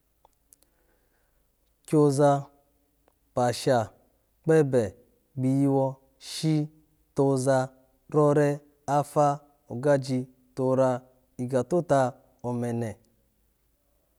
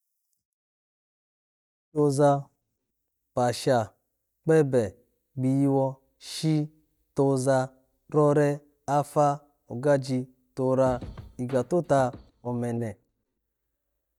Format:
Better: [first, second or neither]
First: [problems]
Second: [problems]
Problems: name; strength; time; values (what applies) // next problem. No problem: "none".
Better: first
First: none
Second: noise reduction (neural mask model DeepFilterNet 3)